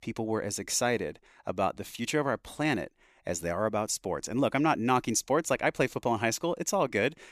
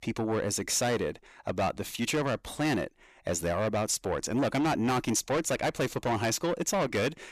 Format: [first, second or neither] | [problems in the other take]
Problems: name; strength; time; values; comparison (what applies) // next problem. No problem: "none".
first | distortion; heavy; 7 dB below the speech